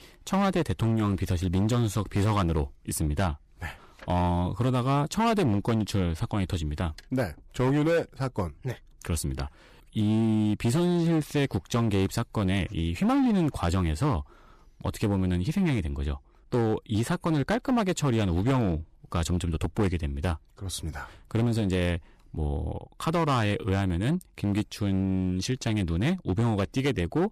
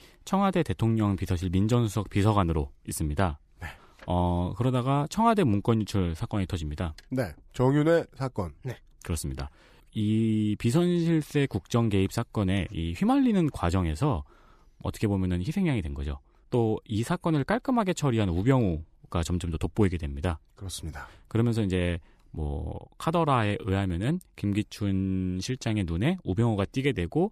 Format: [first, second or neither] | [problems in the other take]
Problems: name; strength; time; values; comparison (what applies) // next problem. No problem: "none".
second | distortion; slight; 11% of the sound clipped